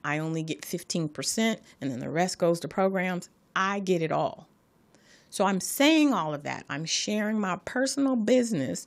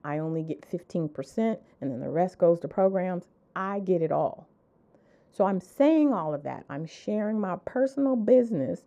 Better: first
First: none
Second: muffled; very; fading above 2 kHz

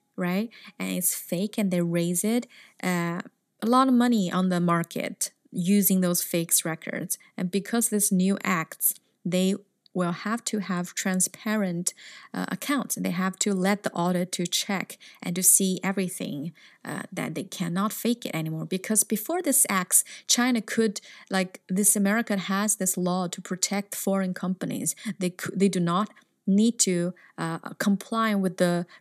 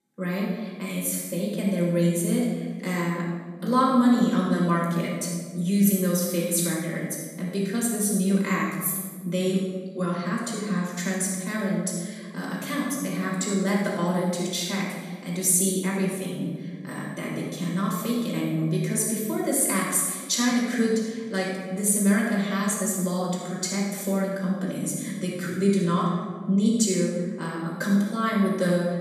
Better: first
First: none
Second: off-mic speech; far // room echo; strong; dies away in 1.6 s

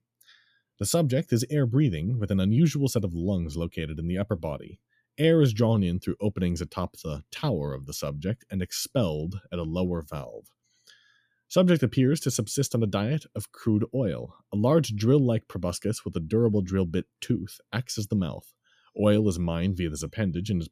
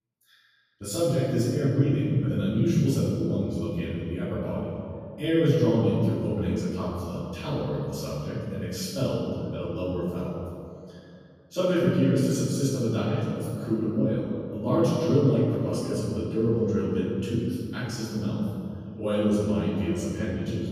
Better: first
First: none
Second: off-mic speech; far // room echo; strong; dies away in 2.2 s

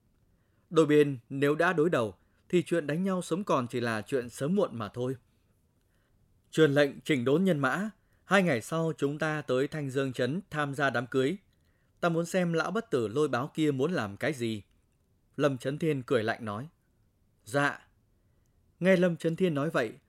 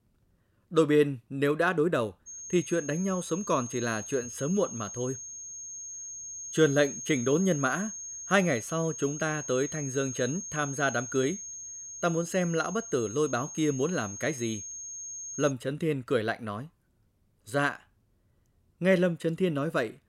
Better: first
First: none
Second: high-pitched whine; loud; from 2.5 to 16 s; 6.5 kHz, 9 dB below the speech

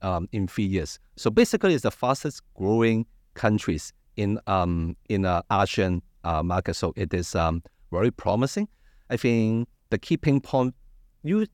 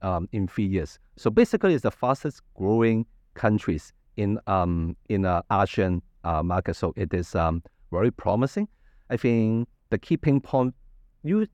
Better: first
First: none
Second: muffled; slightly; fading above 3 kHz

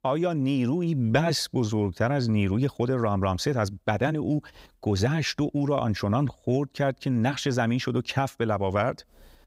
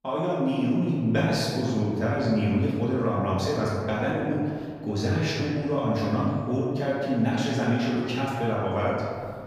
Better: first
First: none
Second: room echo; strong; dies away in 1.8 s // off-mic speech; far

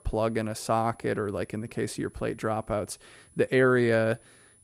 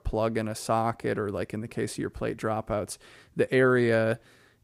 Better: second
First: high-pitched whine; faint; throughout; 10 kHz, 30 dB below the speech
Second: none

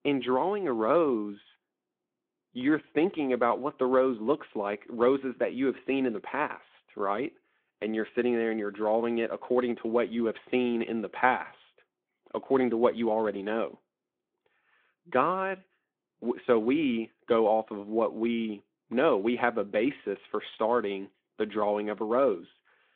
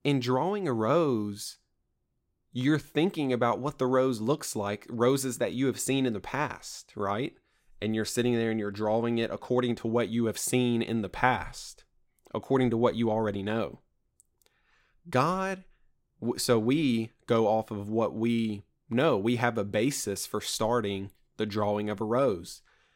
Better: second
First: phone-call audio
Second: none

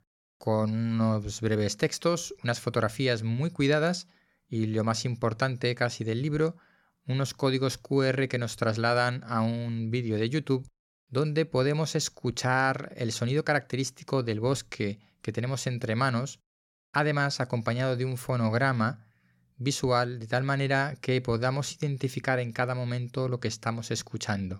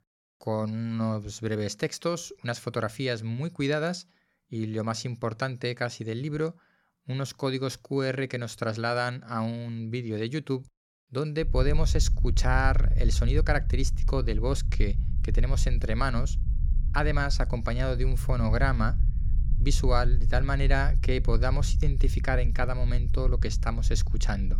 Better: first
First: none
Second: low rumble; noticeable; from 11 s on; 15 dB below the speech

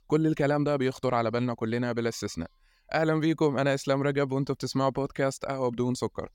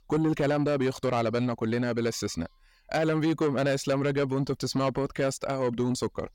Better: first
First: none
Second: distortion; slight; 10 dB below the speech

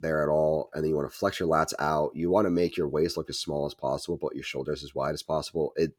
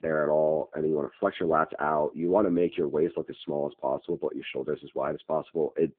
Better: first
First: none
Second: phone-call audio; poor line

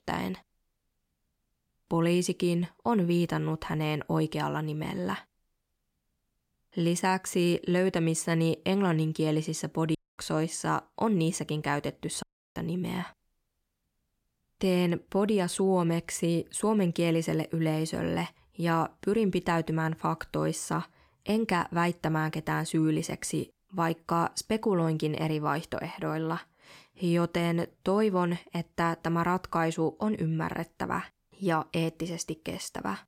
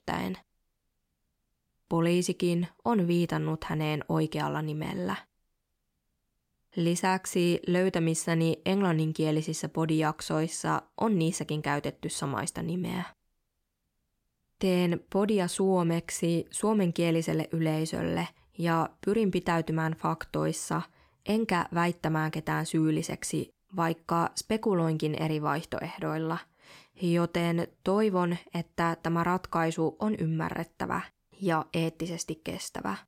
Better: second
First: audio cutting out; at 10 s and at 12 s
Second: none

